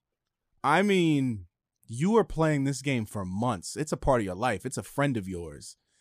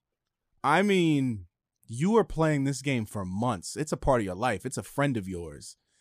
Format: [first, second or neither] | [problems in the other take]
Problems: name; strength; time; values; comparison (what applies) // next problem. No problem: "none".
neither | none